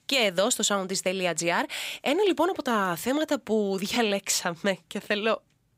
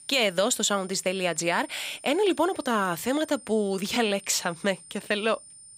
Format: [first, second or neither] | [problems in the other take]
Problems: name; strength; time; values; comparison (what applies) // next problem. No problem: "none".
first | high-pitched whine; noticeable; throughout; 9 kHz, 20 dB below the speech